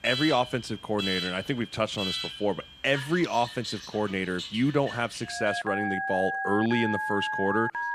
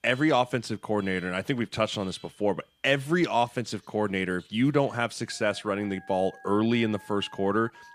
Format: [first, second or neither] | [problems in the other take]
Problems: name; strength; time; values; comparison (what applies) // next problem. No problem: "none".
second | alarms or sirens; loud; throughout; 4 dB below the speech; faint in the second